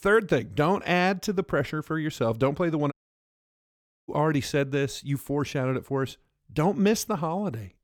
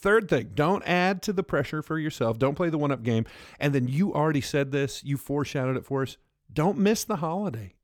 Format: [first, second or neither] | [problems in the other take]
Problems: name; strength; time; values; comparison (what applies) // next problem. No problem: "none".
second | audio cutting out; at 3 s for 1 s